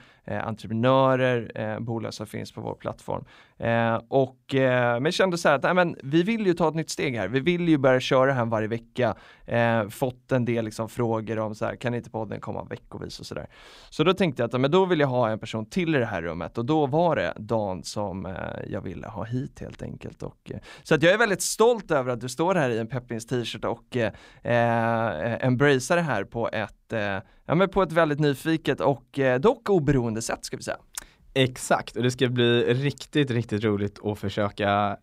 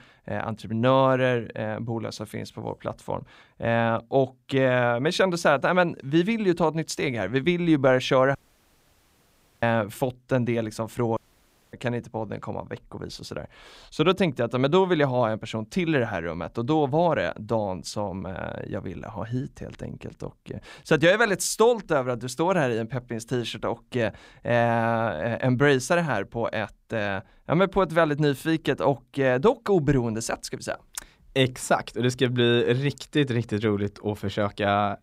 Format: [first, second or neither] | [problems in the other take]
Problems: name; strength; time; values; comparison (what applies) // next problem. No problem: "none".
first | audio cutting out; at 8.5 s for 1.5 s and at 11 s for 0.5 s